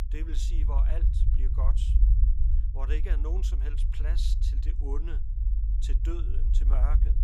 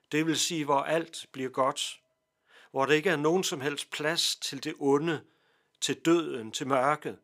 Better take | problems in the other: second | low rumble; loud; throughout; 5 dB below the speech

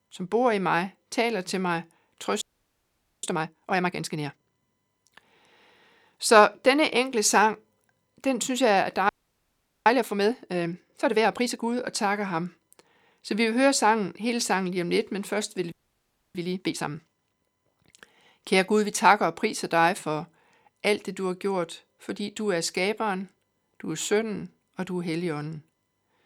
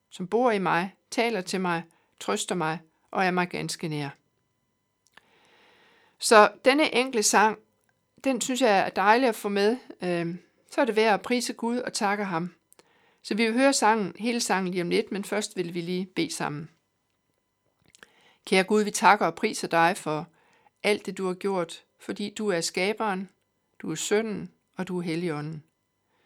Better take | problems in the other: second | audio freezing; at 2.5 s for 1 s, at 9 s for 1 s and at 16 s for 0.5 s

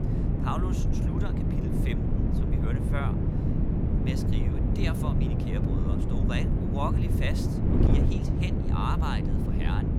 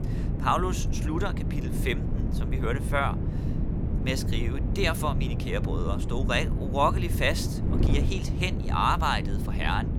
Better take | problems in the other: second | wind noise on the microphone; heavy; 1 dB above the speech; occasional gusts in the second

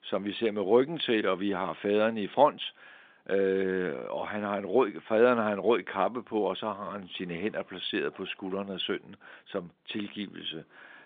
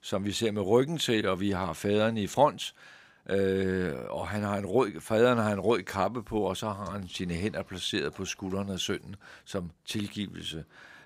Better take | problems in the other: second | phone-call audio

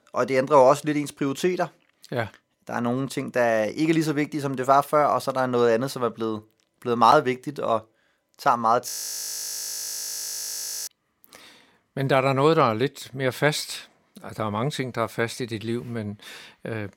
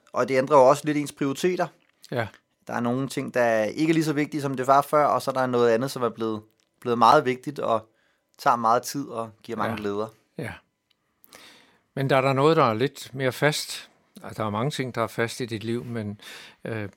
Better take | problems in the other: second | audio freezing; at 9 s for 2 s

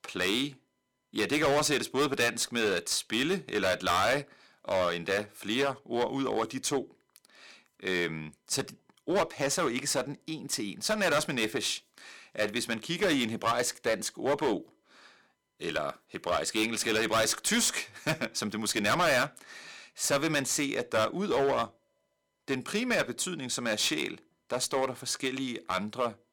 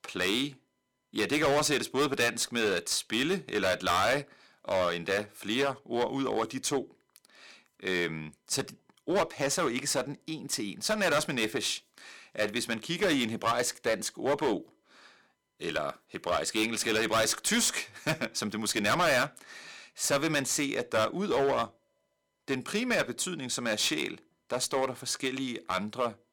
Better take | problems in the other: neither | distortion; heavy; 7% of the sound clipped; the same in both

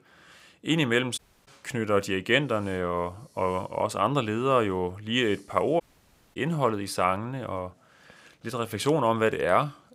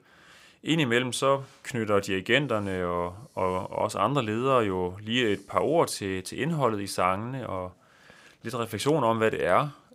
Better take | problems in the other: second | audio cutting out; at 1 s and at 6 s for 0.5 s

